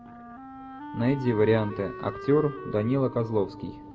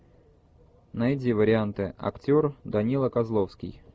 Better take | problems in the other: second | background sound (Wind instrument, woodwind instrument); 13 dB below the speech // room echo; dies away in 1.2 s

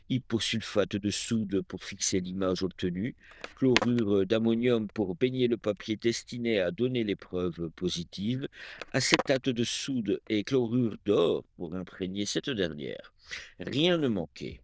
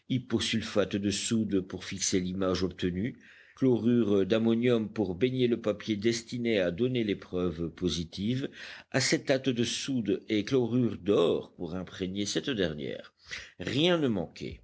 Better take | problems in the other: second | noise reduction (neural diffusion model UNIVERSE++)

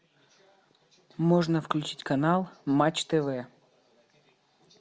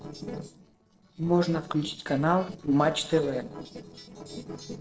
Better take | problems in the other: first | noise reduction (neural separator model SepFormer DNS4)

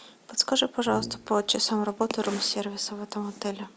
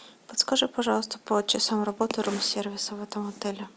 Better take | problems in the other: second | background sound (Brass instrument); 14 dB below the speech

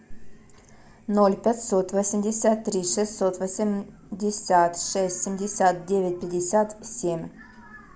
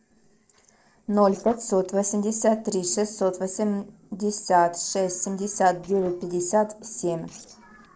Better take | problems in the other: first | noise reduction (neural separator model SepFormer DNS4)

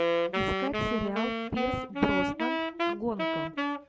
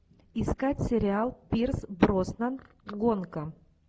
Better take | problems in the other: second | background sound (Wind instrument, woodwind instrument); 4 dB above the speech

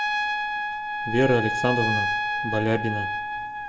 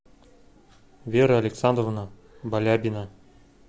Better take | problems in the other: second | background sound (Trumpet); as loud as the speech // room echo; dies away in 0.6 s

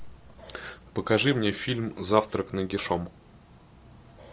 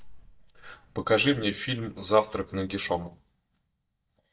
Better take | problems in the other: first | noise reduction (neural mask model DeepFilterNet 3)

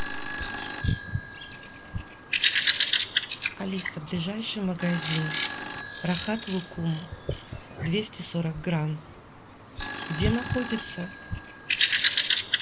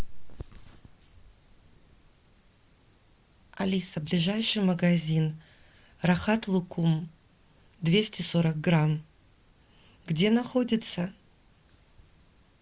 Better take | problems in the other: second | background sound (Bird vocalization, bird call, bird song + Telephone); 2 dB above the speech

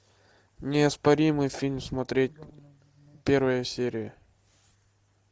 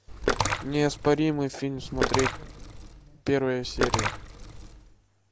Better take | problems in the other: first | background sound (Splash, splatter); 2 dB below the speech

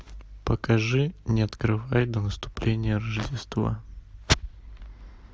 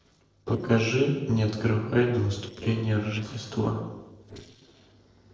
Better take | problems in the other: first | noise reduction (neural separator model SepFormer DNS4)

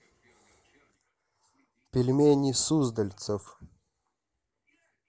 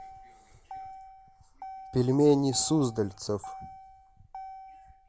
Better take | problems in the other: first | background sound (Motor vehicle (road)); 16 dB below the speech

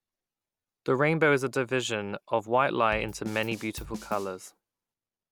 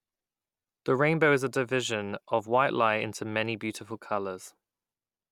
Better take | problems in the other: second | background sound (Drum kit); 14 dB below the speech

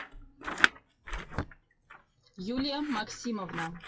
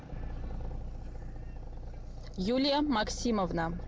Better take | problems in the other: second | noise reduction (classical method WPE with log-MMSE)

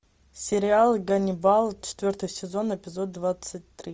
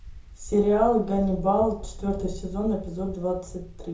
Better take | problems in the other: first | background sound (Wind); 12 dB below the speech // room echo; dies away in 0.5 s

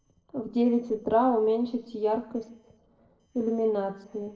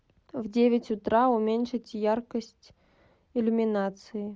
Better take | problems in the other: second | noise reduction (neural separator model SepFormer DNS4)

